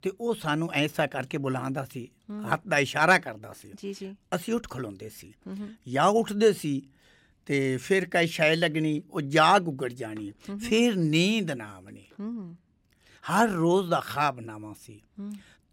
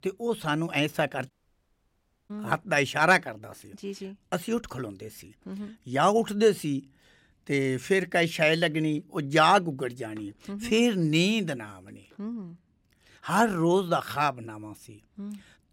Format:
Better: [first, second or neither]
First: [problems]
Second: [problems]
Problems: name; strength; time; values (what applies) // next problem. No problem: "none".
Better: first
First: none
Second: audio cutting out; at 1.5 s for 1 s